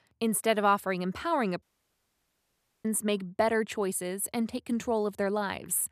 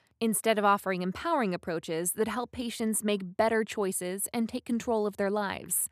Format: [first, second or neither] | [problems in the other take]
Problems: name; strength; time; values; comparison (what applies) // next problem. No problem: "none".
second | audio cutting out; at 1.5 s for 1 s